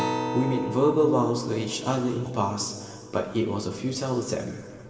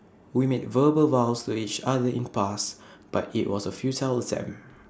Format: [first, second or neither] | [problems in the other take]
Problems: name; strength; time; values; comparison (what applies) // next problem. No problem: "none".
second | background sound (Acoustic guitar); 9 dB below the speech // room echo; dies away in 1.9 s